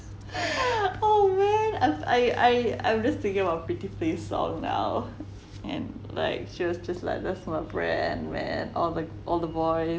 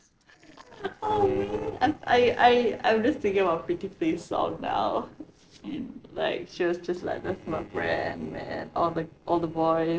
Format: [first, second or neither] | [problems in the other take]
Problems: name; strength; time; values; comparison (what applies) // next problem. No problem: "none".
first | noise reduction (neural separator model SepFormer DNS4)